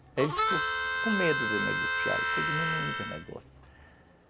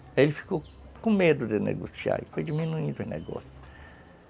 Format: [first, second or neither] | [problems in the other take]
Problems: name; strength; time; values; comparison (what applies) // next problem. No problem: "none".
second | background sound (Harmonica); 4 dB above the speech